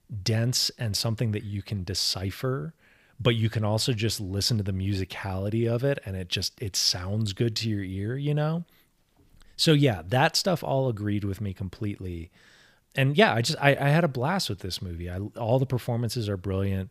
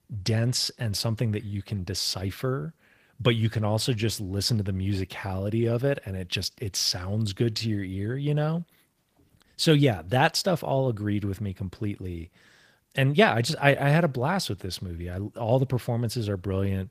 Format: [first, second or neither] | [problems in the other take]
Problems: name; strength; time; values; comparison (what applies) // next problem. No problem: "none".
first | garbled, watery; slightly; nothing above 15 kHz